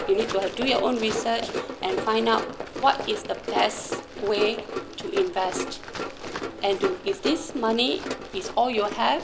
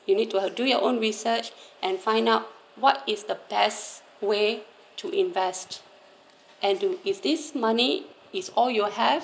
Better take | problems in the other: second | background sound (Run); 7 dB below the speech

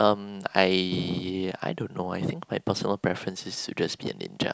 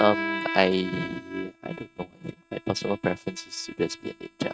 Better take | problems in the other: first | noise reduction (neural mask model RNNoise)

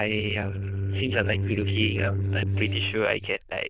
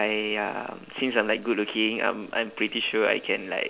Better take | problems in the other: second | noise reduction (neural diffusion model UNIVERSE++)

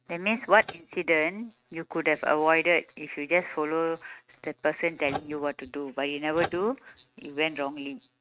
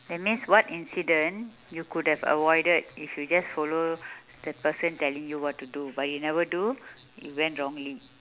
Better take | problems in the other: second | noise reduction (neural mask model RNNoise)

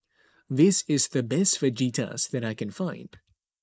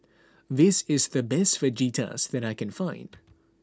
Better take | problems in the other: second | noise reduction (neural mask model Resemble Enhance denoiser)

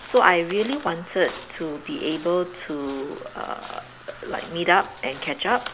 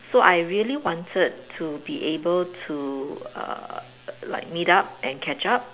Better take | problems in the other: second | background sound (Crow); 17 dB below the speech

